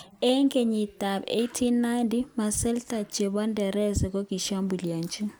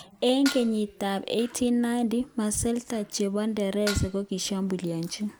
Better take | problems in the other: first | background sound (Dishes, pots, and pans); 11 dB below the speech

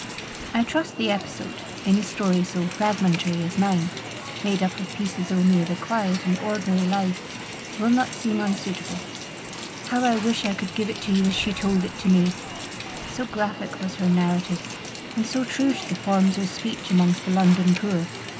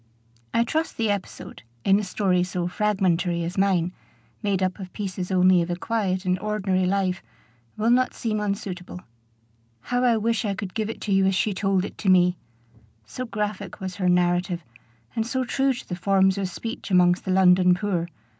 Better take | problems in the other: second | background sound (Alarm + Rain); 10 dB below the speech

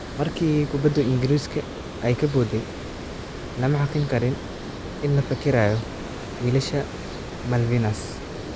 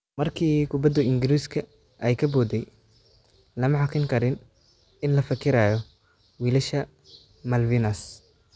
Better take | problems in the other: second | background sound (Water); 9 dB below the speech

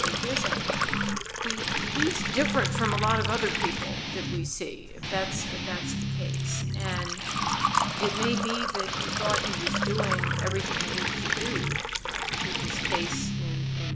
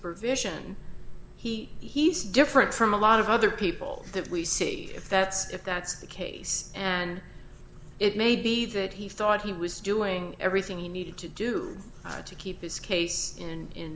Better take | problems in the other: second | background sound (Liquid + Guitar); 5 dB above the speech

